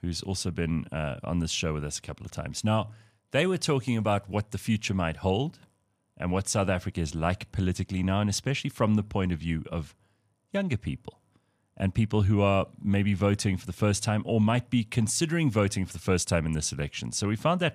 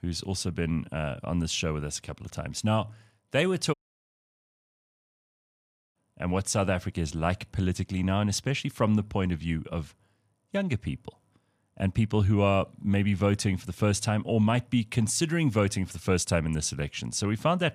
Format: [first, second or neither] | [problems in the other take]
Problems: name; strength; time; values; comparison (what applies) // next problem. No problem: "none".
first | audio cutting out; at 3.5 s for 2 s